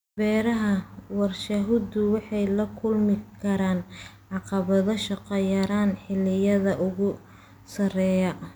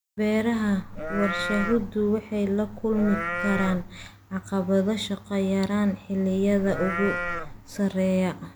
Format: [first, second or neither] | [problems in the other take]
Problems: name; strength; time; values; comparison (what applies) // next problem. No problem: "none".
first | background sound (Livestock, farm animals, working animals); 6 dB below the speech